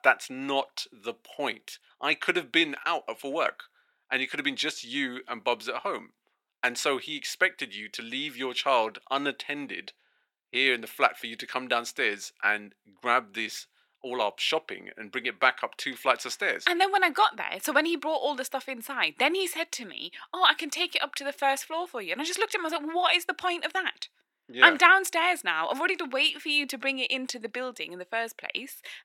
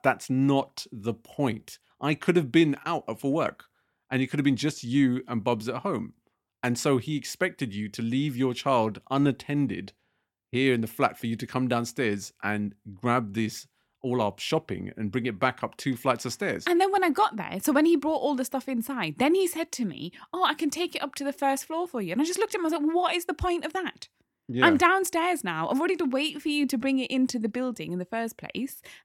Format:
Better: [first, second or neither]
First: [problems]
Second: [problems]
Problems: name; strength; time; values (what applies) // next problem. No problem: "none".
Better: second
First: thin; somewhat; fading below 550 Hz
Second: none